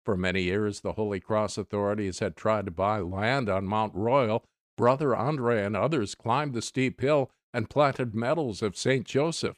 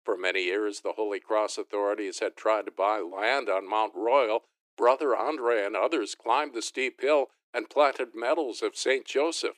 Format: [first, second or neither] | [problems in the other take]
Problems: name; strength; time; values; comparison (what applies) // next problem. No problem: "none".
first | thin; very; fading below 300 Hz